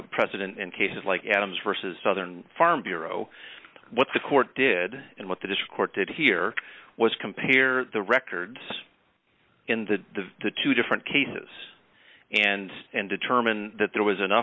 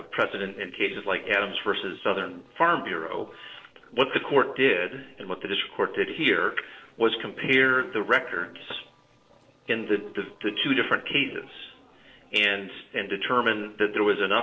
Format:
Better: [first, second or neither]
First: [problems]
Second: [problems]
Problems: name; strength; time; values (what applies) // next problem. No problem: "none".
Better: first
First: none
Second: noise reduction (neural separator model SepFormer DNS4)